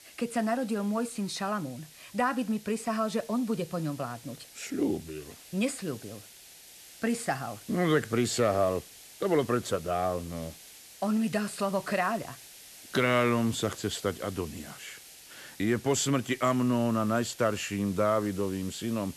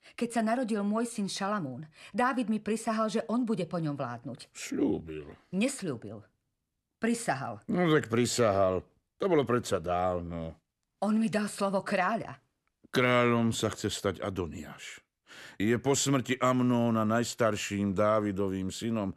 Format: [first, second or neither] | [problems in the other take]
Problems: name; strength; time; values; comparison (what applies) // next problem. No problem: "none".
second | hiss; noticeable; throughout; 20 dB below the speech